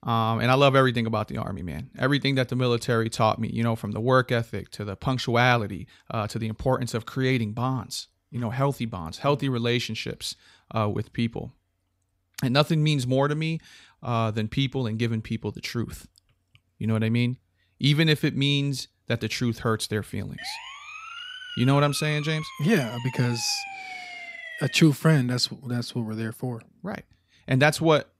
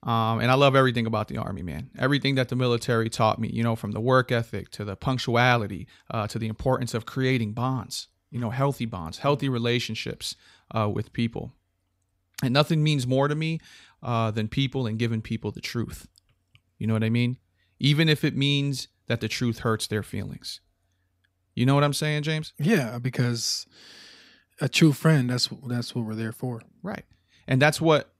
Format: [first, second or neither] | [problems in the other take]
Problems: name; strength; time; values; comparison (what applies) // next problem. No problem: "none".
second | siren; noticeable; from 20 to 25 s; peak 10 dB below the speech